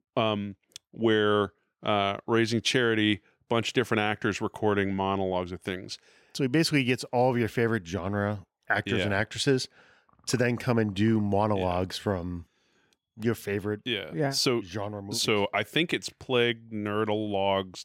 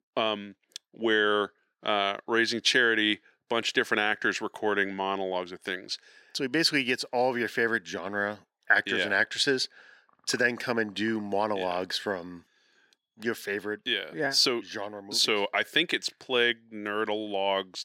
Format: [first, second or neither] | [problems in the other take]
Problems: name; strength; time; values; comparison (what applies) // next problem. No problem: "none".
first | thin; somewhat; fading below 300 Hz